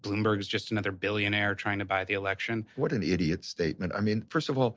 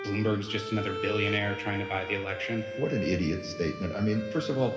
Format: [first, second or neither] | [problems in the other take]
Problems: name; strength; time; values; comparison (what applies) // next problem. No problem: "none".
first | background sound (Bowed string instrument); 8 dB below the speech // room echo; dies away in 2.1 s